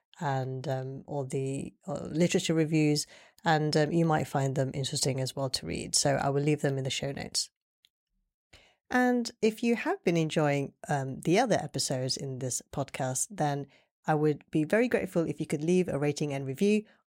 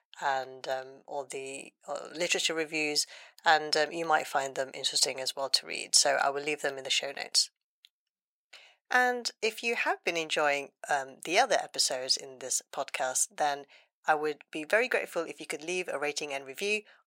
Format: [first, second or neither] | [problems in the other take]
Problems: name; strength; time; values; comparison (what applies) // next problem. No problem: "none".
first | thin; very; fading below 700 Hz